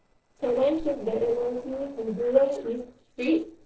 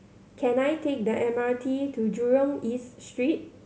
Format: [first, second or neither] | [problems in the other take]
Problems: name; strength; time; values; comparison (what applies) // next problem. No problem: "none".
second | noise reduction (neural separator model SepFormer DNS4)